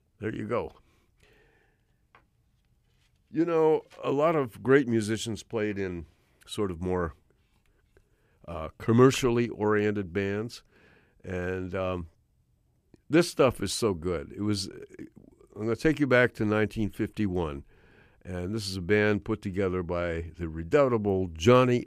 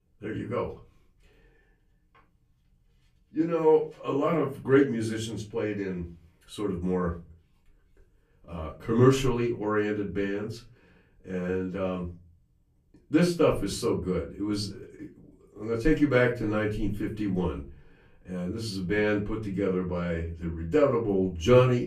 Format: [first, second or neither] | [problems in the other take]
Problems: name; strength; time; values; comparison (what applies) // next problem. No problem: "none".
first | off-mic speech; far // room echo; very slight; dies away in 0.3 s